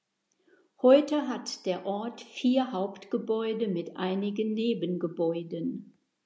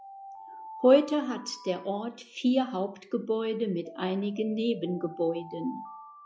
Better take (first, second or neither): first